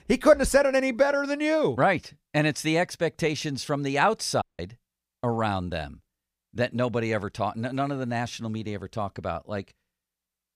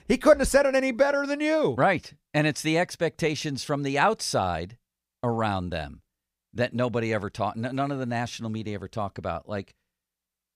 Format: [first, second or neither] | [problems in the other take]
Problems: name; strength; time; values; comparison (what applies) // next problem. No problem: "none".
second | audio cutting out; at 4.5 s